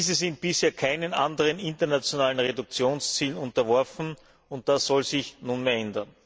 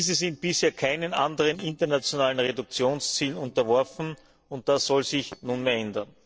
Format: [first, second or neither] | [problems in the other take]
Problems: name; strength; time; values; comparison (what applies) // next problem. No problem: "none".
first | noise reduction (neural separator model SepFormer DNS4)